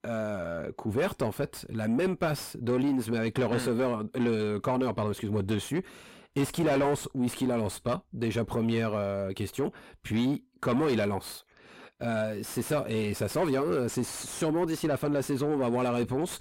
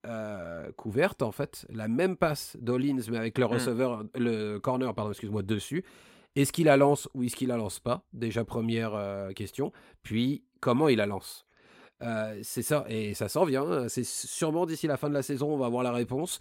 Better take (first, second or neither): second